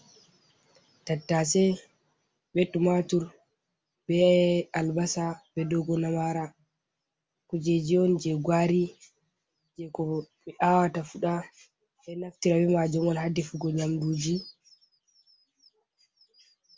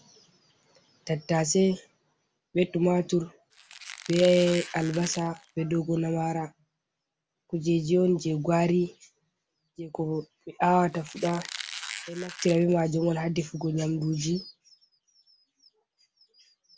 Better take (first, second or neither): first